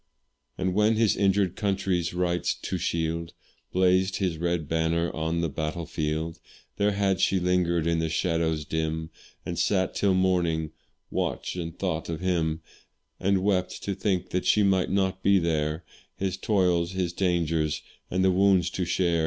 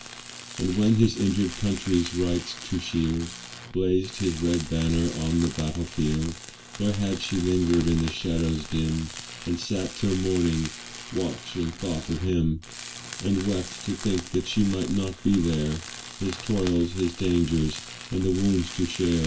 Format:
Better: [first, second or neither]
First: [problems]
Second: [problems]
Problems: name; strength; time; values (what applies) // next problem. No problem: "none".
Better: first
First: none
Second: background sound (Tools); 14 dB below the speech // room echo; dies away in 0.2 s